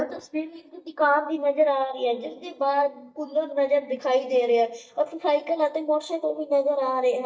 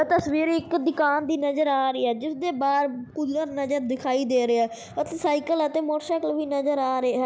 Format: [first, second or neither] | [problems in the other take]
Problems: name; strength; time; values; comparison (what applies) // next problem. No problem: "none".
second | noise reduction (neural mask model DeepFilterNet 3)